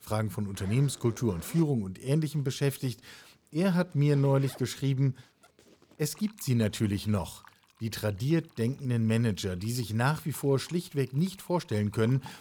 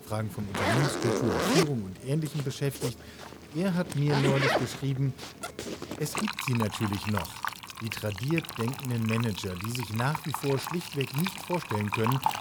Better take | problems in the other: first | household noises; loud; throughout; 1 dB below the speech; faint in the first

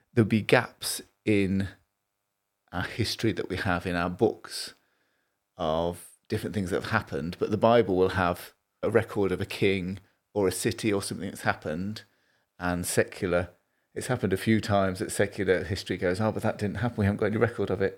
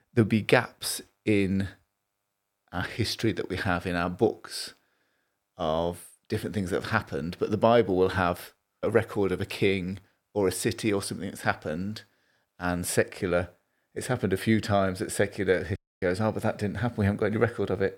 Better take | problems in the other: first | audio cutting out; at 16 s

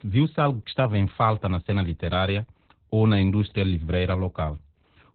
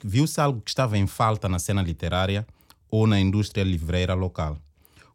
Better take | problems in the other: second | garbled, watery; badly; nothing above 4 kHz

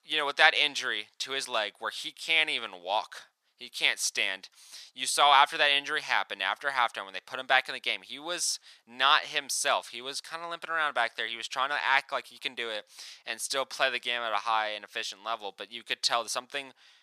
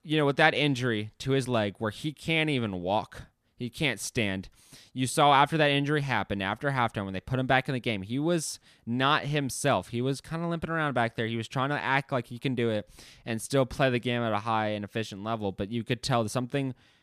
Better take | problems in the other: second | thin; very; fading below 950 Hz

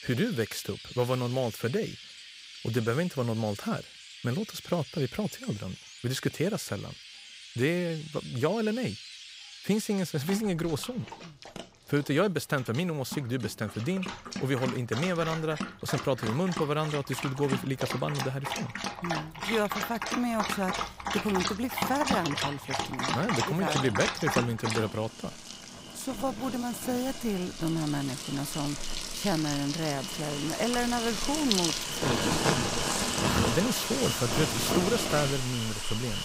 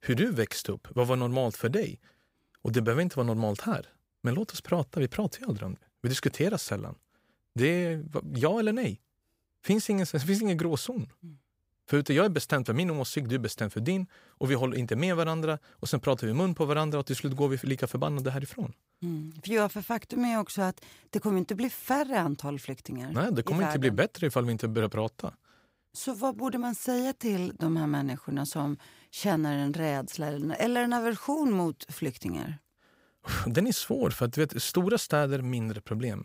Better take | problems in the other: second | animal sounds; loud; throughout; 2 dB below the speech

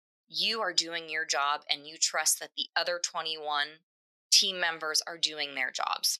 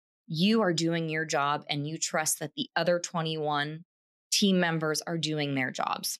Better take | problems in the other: second | thin; very; fading below 800 Hz

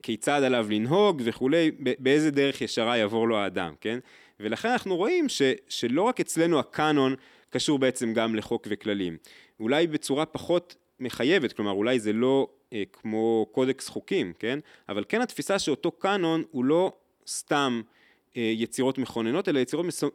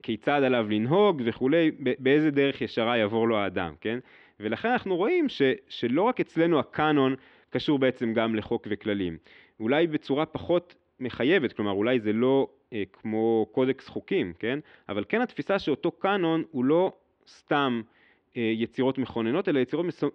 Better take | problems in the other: first | muffled; very; fading above 3.5 kHz

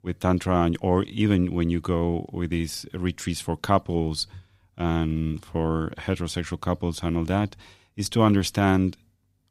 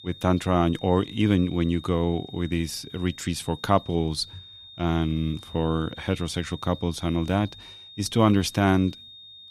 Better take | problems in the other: first | high-pitched whine; noticeable; throughout; 3.5 kHz, 20 dB below the speech

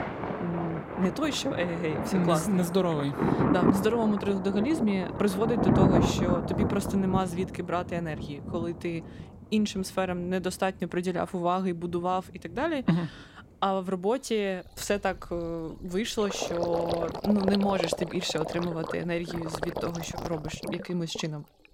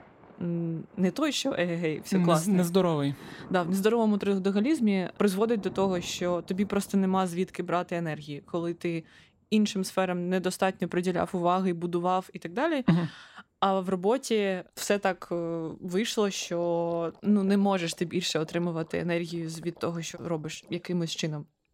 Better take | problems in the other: second | rain or running water; loud; throughout; 2 dB below the speech; faint in the second

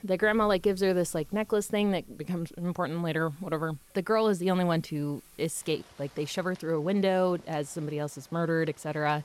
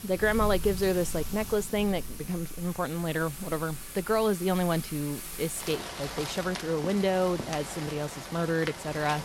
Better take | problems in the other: first | rain or running water; loud; throughout; 9 dB below the speech; faint in the first

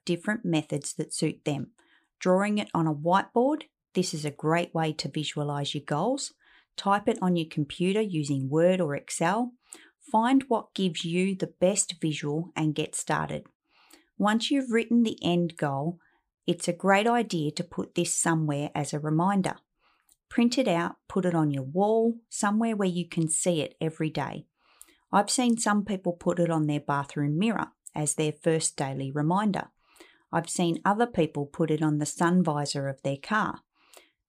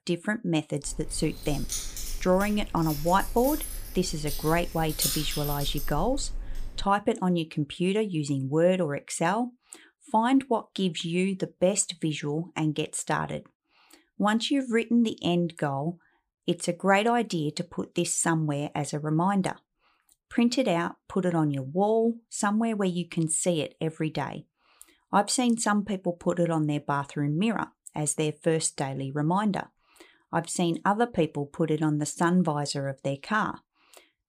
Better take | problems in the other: first | jangling keys; loud; from 1 to 7 s; peak level with the speech

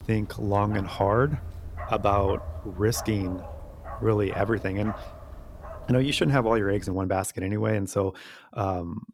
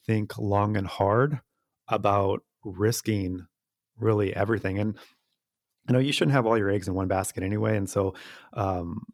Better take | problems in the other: second | dog barking; noticeable; until 7 s; peak 8 dB below the speech

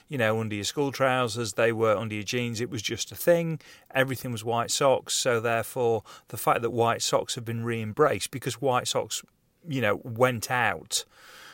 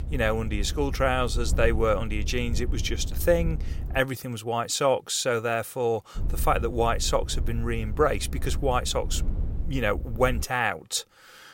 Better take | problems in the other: first | low rumble; faint; until 4 s and from 6 to 10 s; 20 dB below the speech

